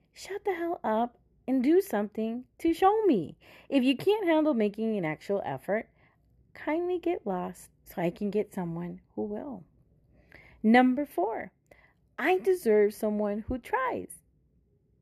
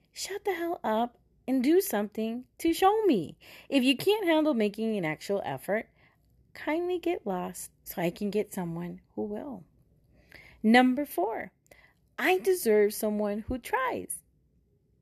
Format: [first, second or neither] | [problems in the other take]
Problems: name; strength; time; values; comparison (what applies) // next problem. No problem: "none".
second | muffled; slightly; fading above 2.5 kHz